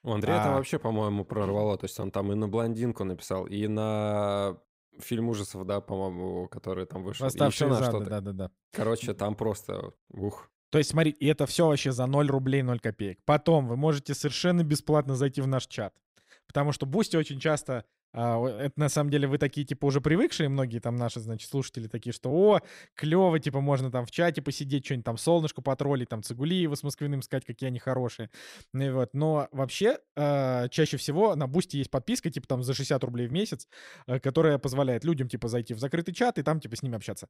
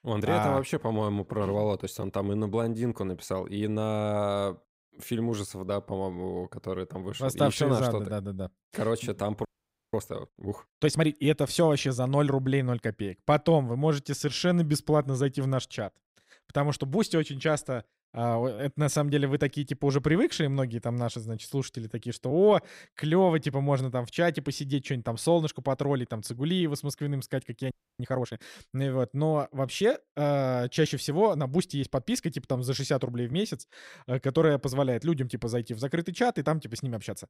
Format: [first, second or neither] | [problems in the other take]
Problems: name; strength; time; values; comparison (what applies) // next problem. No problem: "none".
first | audio freezing; at 9.5 s and at 28 s